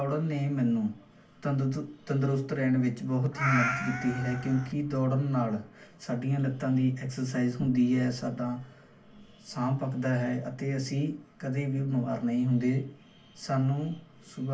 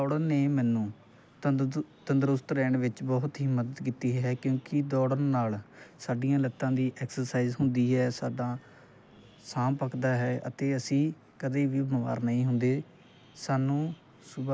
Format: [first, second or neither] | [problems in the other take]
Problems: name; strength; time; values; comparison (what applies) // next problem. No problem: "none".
second | background sound (Meow); 4 dB below the speech // room echo; dies away in 0.3 s